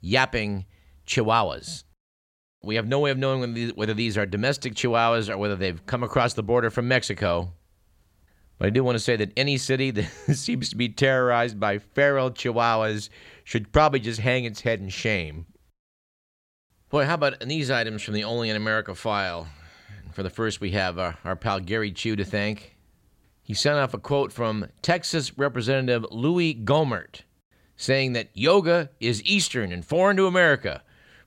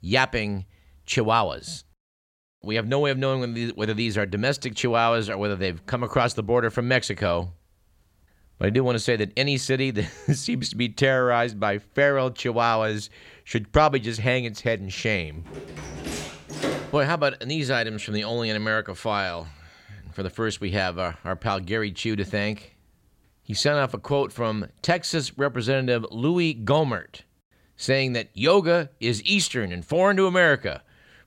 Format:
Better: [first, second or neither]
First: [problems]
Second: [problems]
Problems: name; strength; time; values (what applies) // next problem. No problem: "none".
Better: first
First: none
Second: door banging; noticeable; from 15 to 17 s; peak 5 dB below the speech